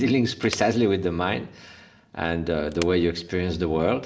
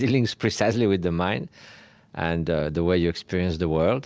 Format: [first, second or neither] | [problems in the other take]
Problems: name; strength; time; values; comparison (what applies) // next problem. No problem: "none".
second | background sound (Wood); 19 dB below the speech // room echo; dies away in 0.6 s